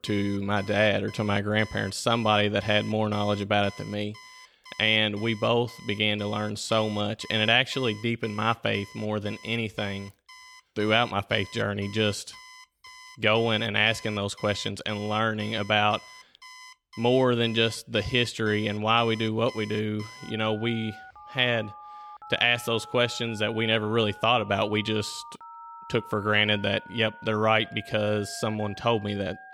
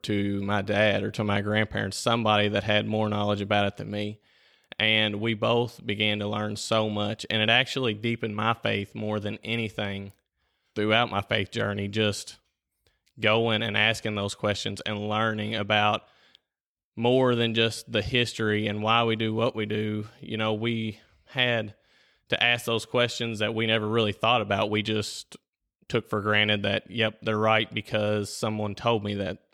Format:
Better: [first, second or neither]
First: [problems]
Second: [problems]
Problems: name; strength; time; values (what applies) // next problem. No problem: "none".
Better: second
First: alarms or sirens; noticeable; throughout; 20 dB below the speech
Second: none